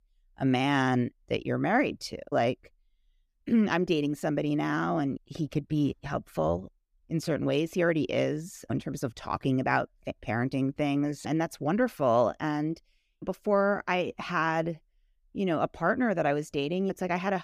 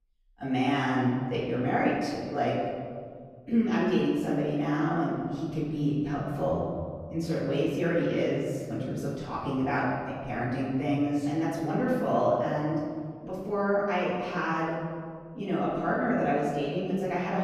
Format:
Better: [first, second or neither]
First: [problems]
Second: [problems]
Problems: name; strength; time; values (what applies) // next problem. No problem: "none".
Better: first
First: none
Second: off-mic speech; far // room echo; noticeable; dies away in 1.9 s